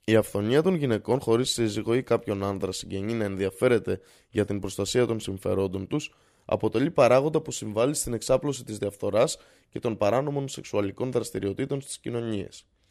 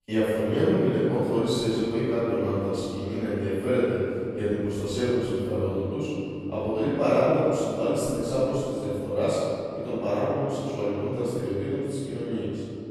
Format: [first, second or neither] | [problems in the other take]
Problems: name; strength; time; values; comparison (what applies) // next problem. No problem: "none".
first | off-mic speech; far // room echo; strong; dies away in 2.6 s